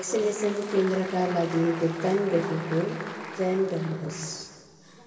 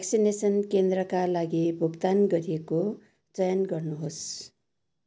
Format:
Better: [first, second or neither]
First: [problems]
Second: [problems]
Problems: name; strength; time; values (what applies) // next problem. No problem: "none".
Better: second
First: background sound (Applause); 13 dB below the speech // room echo; dies away in 2.9 s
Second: none